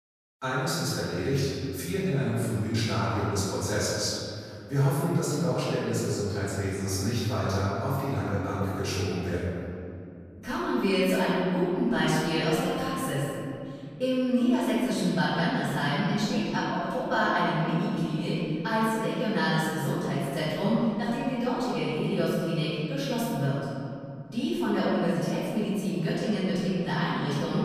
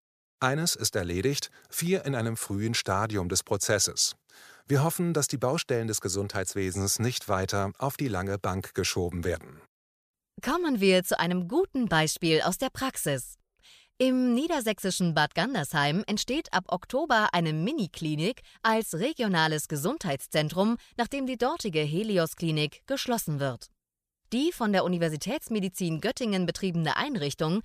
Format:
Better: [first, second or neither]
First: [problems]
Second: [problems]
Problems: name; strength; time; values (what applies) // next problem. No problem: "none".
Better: second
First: off-mic speech; far // room echo; strong; dies away in 2.8 s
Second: none